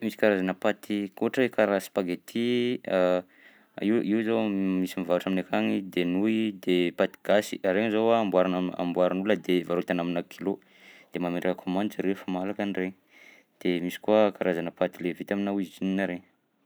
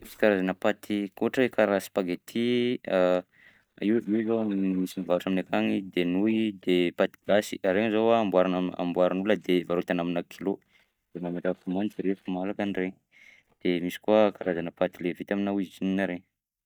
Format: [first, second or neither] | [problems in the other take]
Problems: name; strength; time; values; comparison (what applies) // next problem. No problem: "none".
first | noise reduction (neural mask model DeepFilterNet 3)